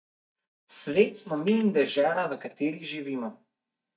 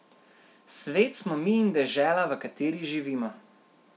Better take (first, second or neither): second